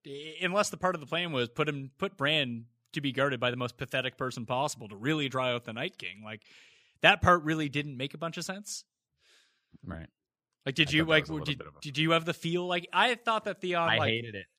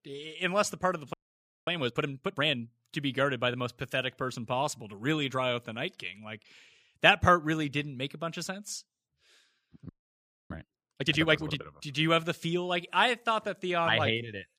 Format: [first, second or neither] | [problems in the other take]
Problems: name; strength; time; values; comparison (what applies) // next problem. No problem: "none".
first | audio freezing; at 1 s for 0.5 s and at 10 s for 0.5 s